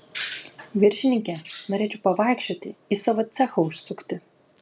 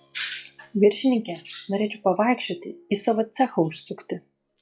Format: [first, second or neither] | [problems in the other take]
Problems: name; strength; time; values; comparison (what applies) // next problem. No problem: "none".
first | noise reduction (classical method log-MMSE)